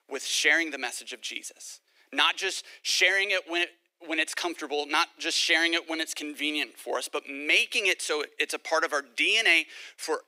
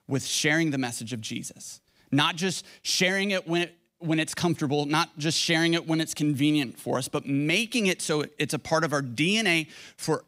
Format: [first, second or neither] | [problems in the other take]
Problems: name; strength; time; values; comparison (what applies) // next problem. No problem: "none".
second | thin; very; fading below 350 Hz